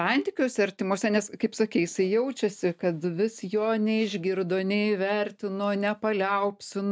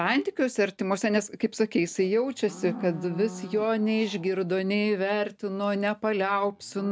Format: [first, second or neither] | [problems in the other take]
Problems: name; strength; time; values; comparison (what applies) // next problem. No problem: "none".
first | background sound (Livestock, farm animals, working animals); 18 dB below the speech